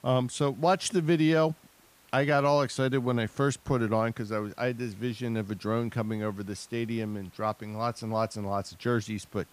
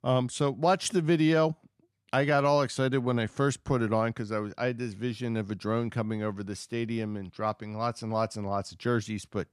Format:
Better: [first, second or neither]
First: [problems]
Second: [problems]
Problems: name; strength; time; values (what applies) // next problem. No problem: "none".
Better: second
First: hiss; faint; throughout; 30 dB below the speech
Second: none